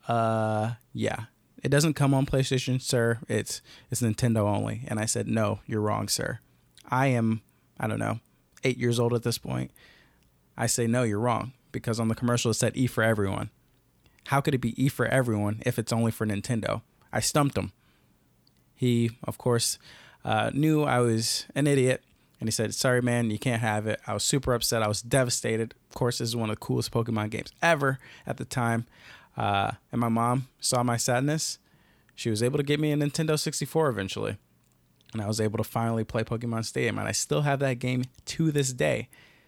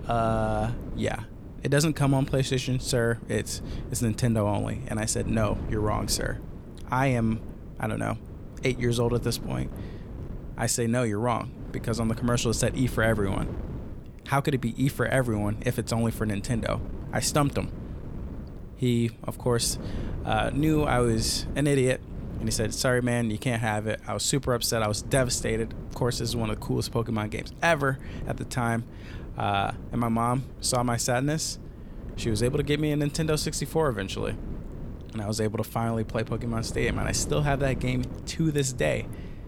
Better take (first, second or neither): first